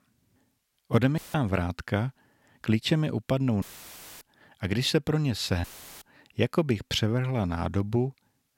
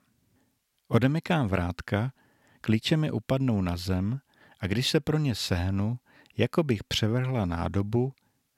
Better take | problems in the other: second | audio cutting out; filled with static; at 1 s, at 3.5 s for 0.5 s and at 5.5 s

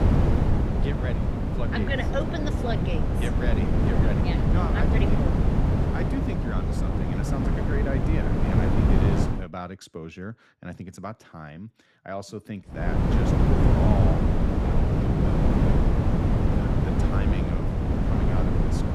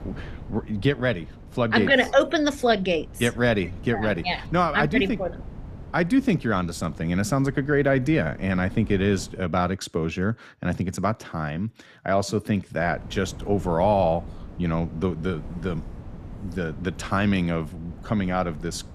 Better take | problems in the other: second | wind noise on the microphone; heavy; until 9.5 s and from 13 s on; 4 dB above the speech; occasional gusts in the second

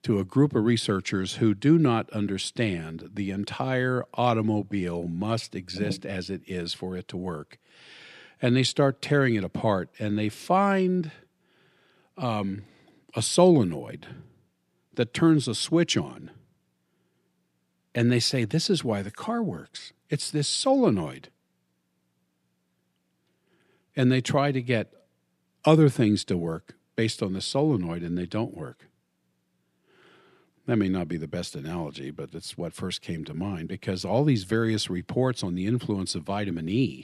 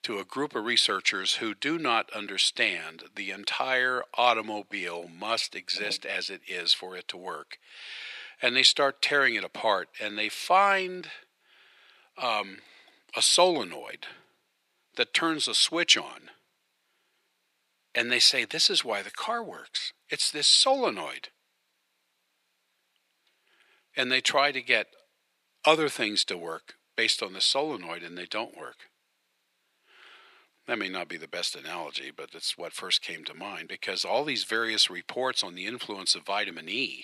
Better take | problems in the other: first | thin; very; fading below 700 Hz

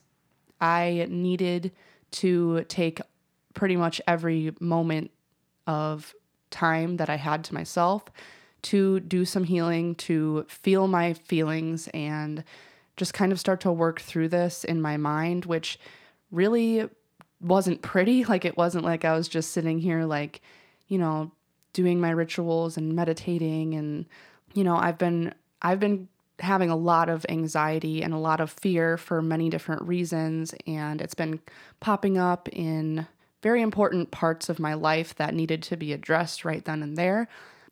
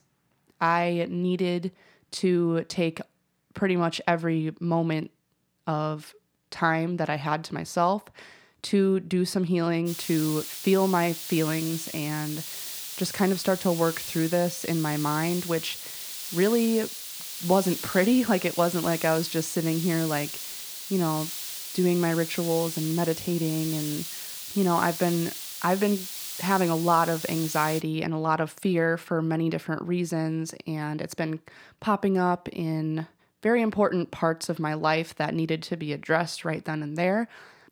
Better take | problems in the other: first | hiss; loud; from 10 to 28 s; 7 dB below the speech

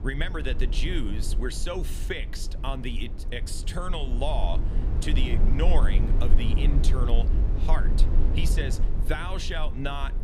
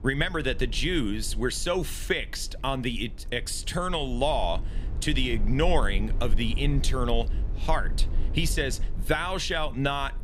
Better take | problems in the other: second | low rumble; loud; throughout; 8 dB below the speech; faint in the second

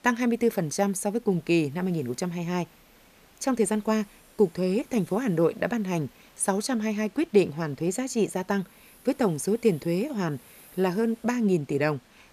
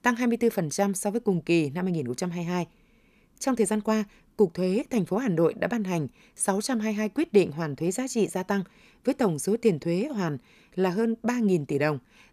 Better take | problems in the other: second | hiss; faint; throughout; 25 dB below the speech

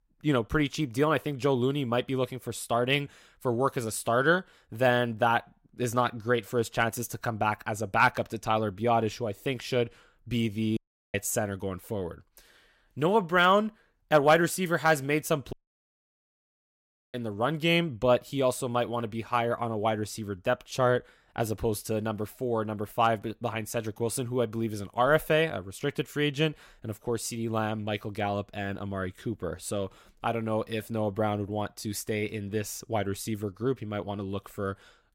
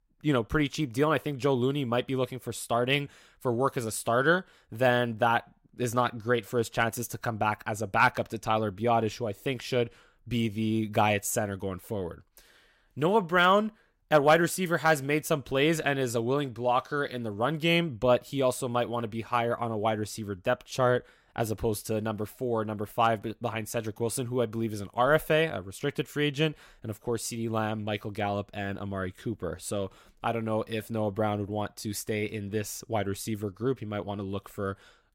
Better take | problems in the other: second | audio cutting out; at 11 s and at 16 s for 1.5 s

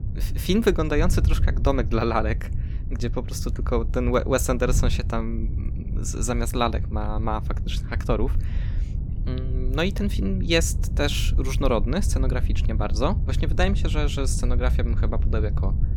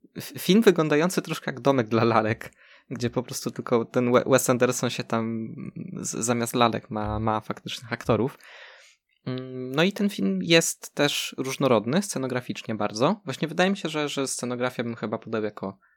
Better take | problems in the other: second | wind noise on the microphone; occasional gusts; 15 dB below the speech

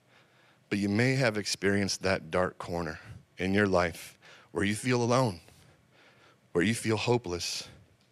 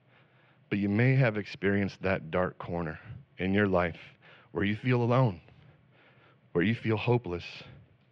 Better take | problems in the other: first | muffled; very; fading above 3 kHz

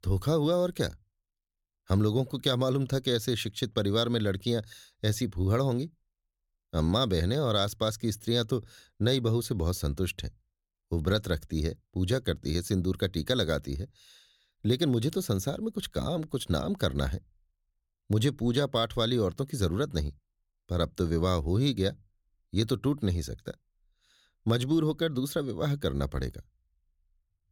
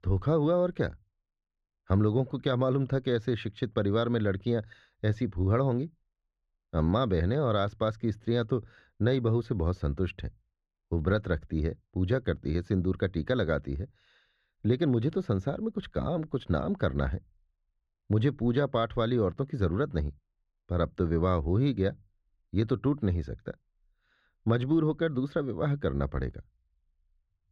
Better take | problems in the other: first | muffled; very; fading above 1.5 kHz

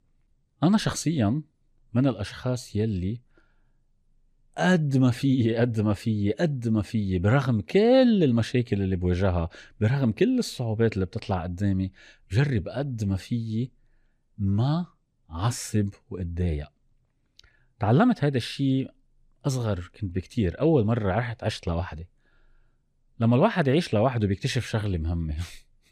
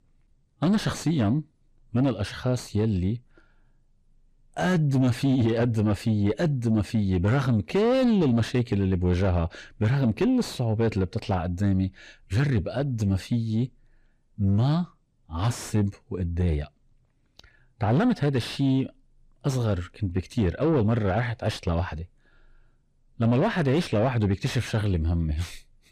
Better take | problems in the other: first | distortion; slight; 10 dB below the speech

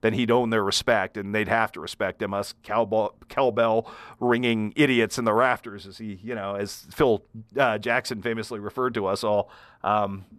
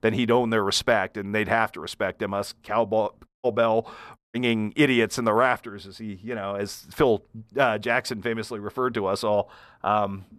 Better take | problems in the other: first | audio cutting out; at 3.5 s and at 4 s

